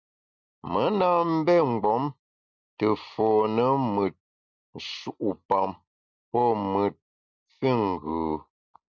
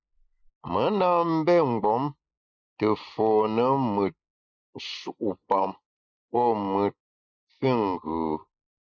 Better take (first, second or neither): first